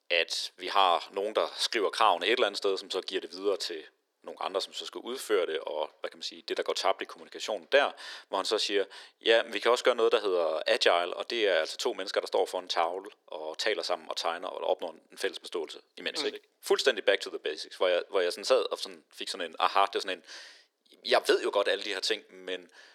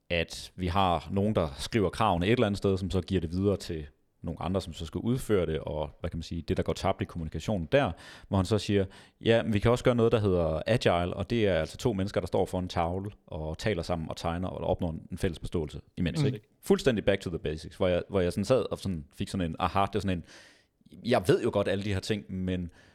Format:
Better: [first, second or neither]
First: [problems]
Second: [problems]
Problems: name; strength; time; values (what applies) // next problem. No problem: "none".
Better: second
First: thin; very; fading below 350 Hz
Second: none